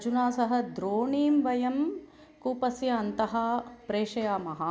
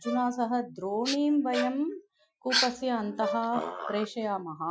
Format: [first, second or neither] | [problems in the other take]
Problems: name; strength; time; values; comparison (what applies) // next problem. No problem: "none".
first | noise reduction (classical method Wiener filter)